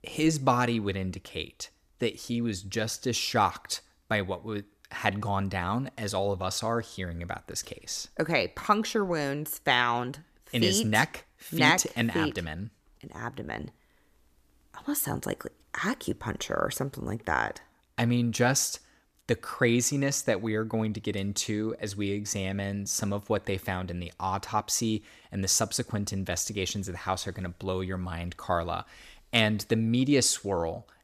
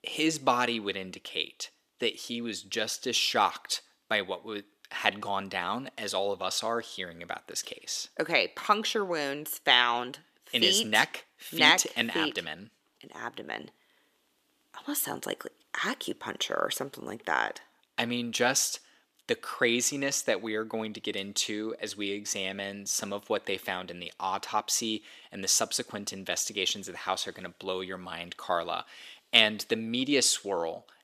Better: first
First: none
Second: thin; very slightly; fading below 300 Hz

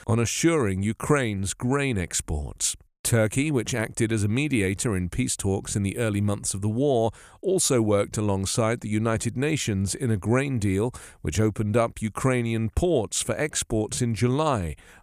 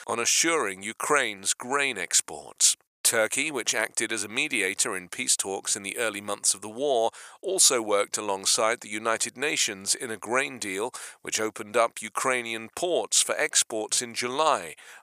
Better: first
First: none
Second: thin; very; fading below 650 Hz

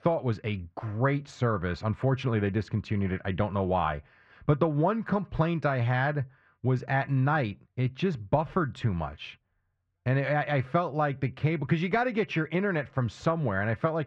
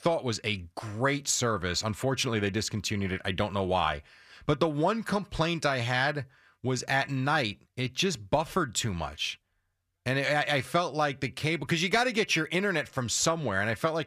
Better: second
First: muffled; very; fading above 1.5 kHz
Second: none

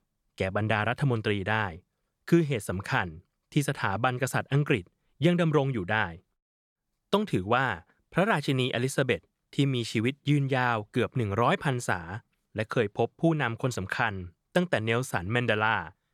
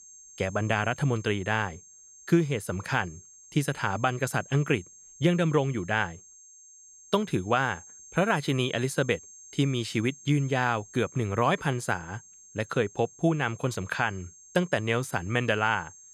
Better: first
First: none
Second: high-pitched whine; faint; throughout; 6.5 kHz, 20 dB below the speech

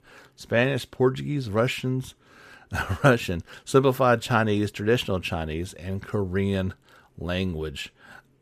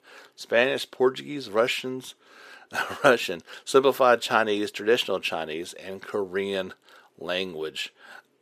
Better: first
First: none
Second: thin; somewhat; fading below 400 Hz

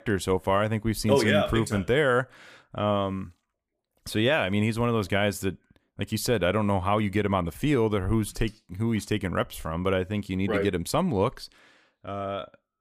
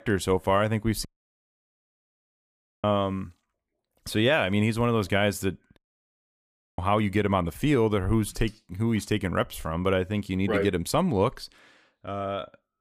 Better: first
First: none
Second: audio cutting out; at 1 s for 2 s and at 6 s for 1 s

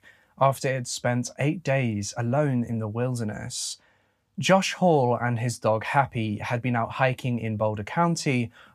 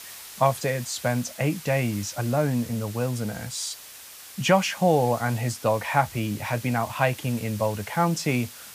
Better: first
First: none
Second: hiss; noticeable; throughout; 15 dB below the speech

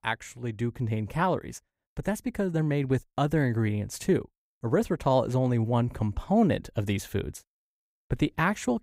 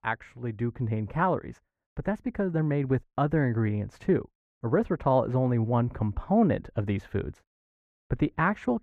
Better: first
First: none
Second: muffled; very; fading above 4 kHz

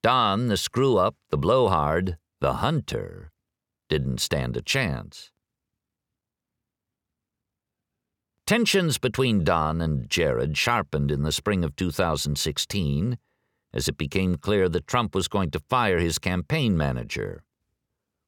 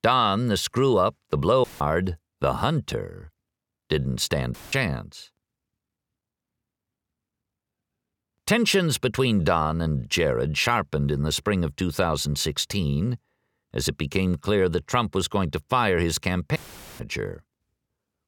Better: first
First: none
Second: audio cutting out; filled with static; at 1.5 s, at 4.5 s and at 17 s

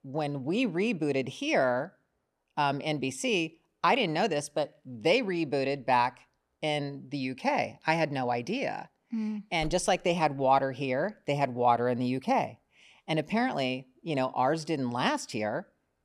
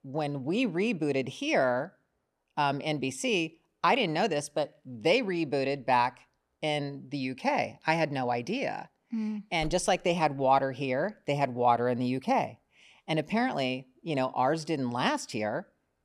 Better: neither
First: none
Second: none

